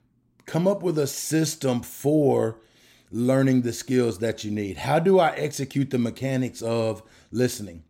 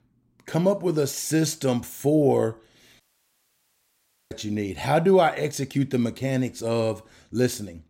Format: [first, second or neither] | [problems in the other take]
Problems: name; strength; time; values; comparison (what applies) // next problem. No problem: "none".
first | audio cutting out; at 3 s for 1.5 s